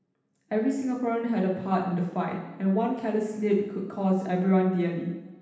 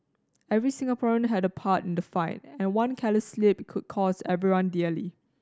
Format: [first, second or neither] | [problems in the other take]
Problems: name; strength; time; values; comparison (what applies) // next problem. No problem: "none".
second | room echo; dies away in 0.9 s